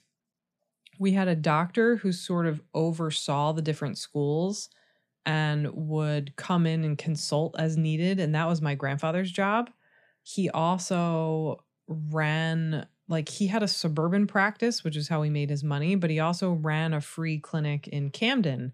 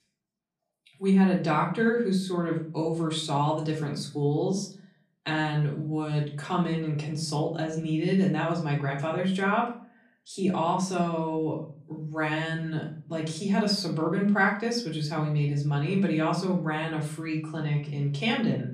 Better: first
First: none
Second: off-mic speech; far // room echo; slight; dies away in 0.4 s

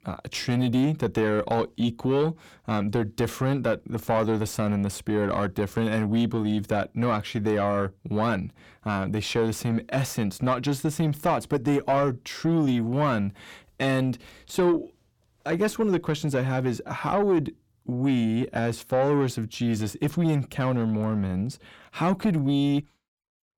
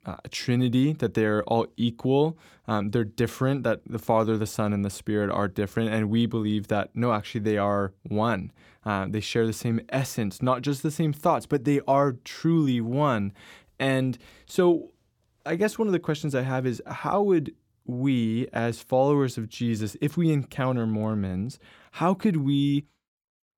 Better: second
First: distortion; slight; 10 dB below the speech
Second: none

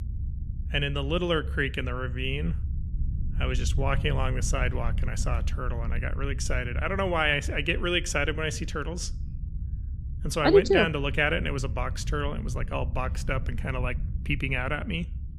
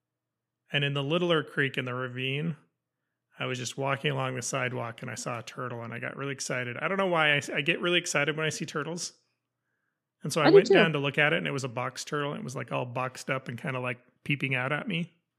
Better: second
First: low rumble; faint; throughout; 20 dB below the speech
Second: none

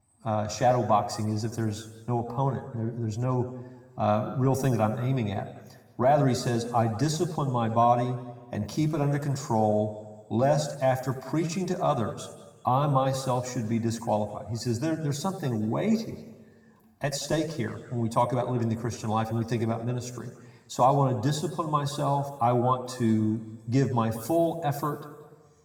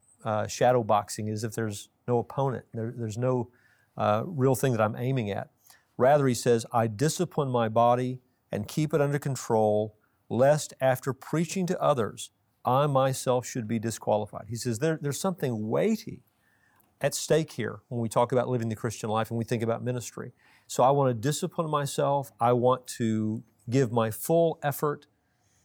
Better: second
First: room echo; slight; dies away in 1.2 s // off-mic speech; somewhat distant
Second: none

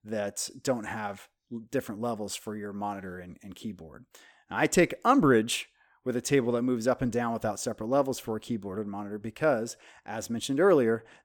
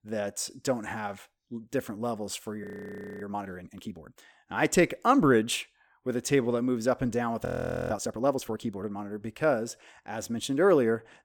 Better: first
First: none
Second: audio freezing; at 2.5 s for 0.5 s and at 7.5 s

